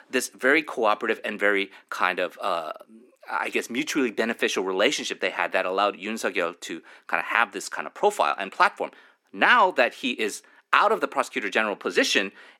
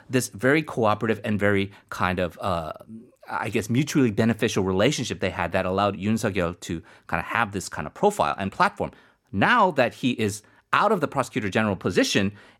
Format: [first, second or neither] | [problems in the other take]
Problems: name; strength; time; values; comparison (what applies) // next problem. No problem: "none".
second | thin; somewhat; fading below 300 Hz